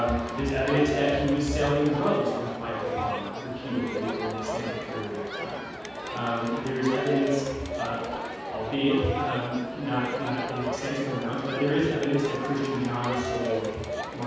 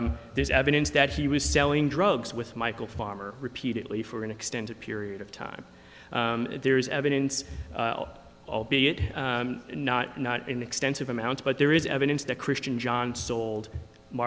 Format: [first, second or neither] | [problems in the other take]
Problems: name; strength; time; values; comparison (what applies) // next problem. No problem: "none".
second | background sound (Crowd); 5 dB below the speech // room echo; dies away in 1.2 s